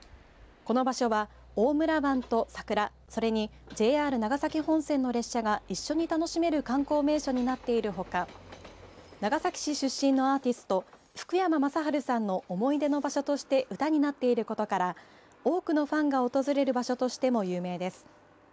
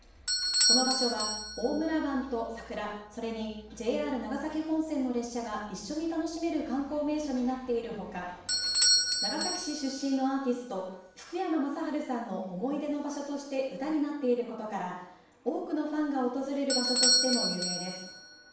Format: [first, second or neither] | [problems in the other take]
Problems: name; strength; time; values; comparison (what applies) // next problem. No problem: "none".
first | background sound (Bell / Doorbell); 1 dB below the speech // room echo; dies away in 0.6 s